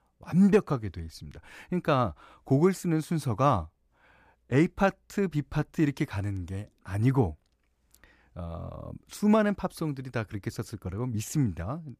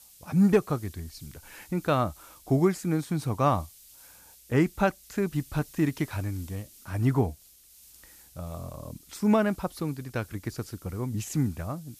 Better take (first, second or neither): first